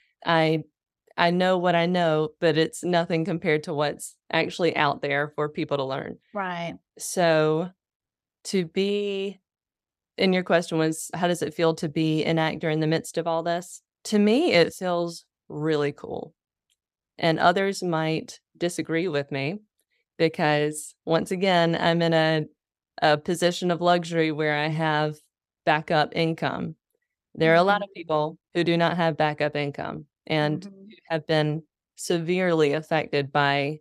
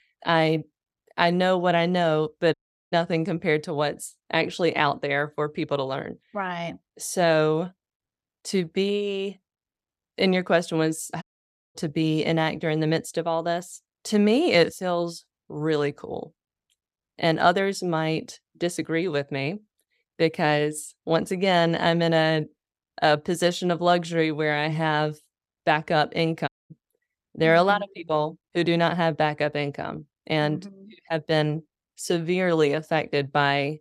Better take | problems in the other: first | audio cutting out; at 2.5 s, at 11 s for 0.5 s and at 26 s

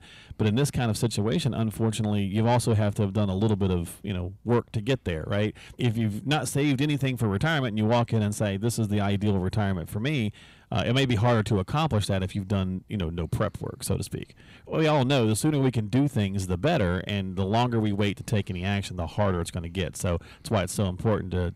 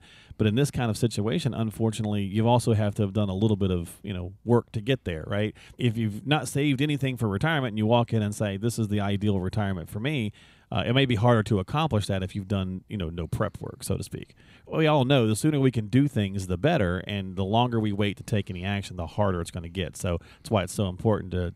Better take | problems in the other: second | distortion; slight; 10 dB below the speech

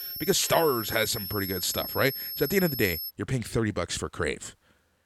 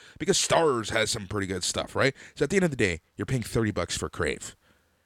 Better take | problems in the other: second | high-pitched whine; loud; until 3 s; 11.5 kHz, 5 dB below the speech

